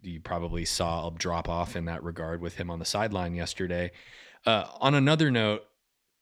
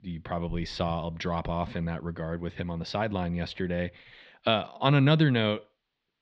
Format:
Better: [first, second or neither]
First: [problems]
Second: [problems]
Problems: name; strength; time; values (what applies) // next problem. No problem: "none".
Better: first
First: none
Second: muffled; slightly; fading above 4 kHz